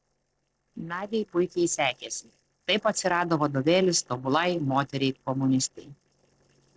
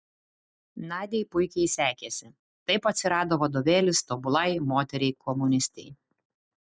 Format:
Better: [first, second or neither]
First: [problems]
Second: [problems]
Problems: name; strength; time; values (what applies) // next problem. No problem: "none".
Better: second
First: noise reduction (neural separator model SepFormer DNS4)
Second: none